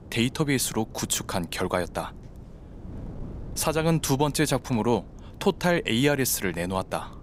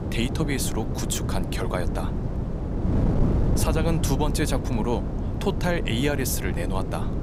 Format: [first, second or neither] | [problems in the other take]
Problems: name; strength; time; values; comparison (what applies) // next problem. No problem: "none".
first | wind noise on the microphone; heavy; 6 dB below the speech; occasional gusts in the first